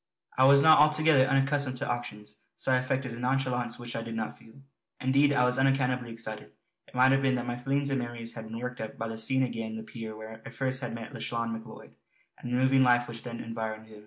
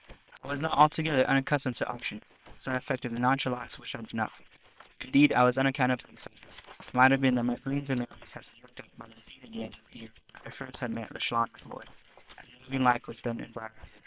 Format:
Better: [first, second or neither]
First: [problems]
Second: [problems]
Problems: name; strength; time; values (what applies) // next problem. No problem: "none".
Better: first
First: none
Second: noise reduction (neural separator model SepFormer WHAM!)